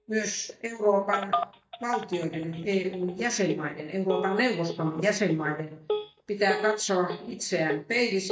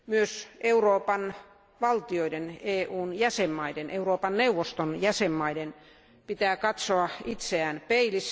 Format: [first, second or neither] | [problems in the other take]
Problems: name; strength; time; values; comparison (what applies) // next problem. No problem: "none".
second | noise reduction (neural mask model DeepFilterNet 3)